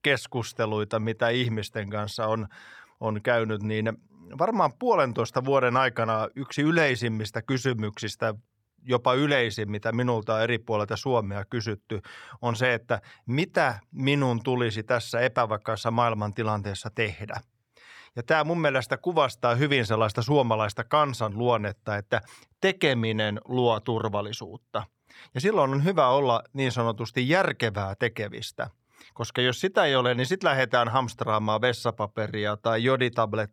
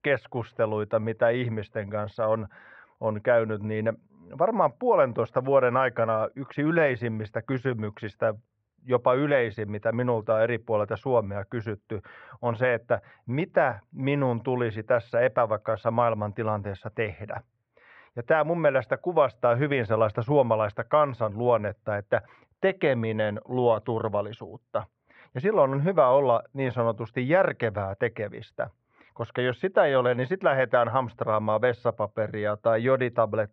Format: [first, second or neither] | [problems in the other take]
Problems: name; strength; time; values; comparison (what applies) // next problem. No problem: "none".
first | muffled; very; fading above 2 kHz